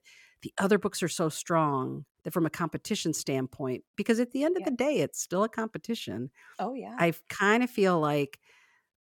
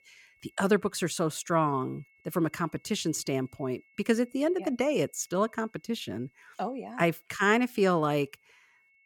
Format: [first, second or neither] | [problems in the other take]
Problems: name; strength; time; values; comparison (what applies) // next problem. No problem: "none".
first | high-pitched whine; faint; throughout; 2 kHz, 35 dB below the speech